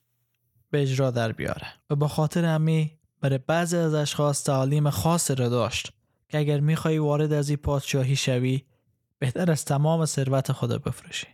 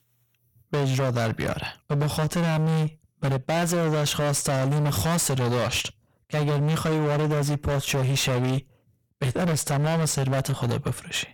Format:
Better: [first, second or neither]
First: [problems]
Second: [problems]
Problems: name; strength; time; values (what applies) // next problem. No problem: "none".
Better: first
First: none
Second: distortion; heavy; 38% of the sound clipped